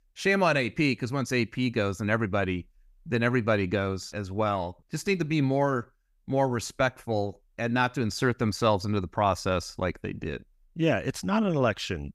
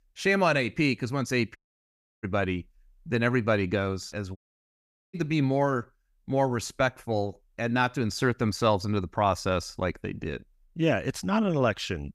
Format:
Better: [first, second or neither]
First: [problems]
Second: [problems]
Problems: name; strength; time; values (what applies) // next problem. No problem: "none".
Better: first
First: none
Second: audio cutting out; at 1.5 s for 0.5 s and at 4.5 s for 1 s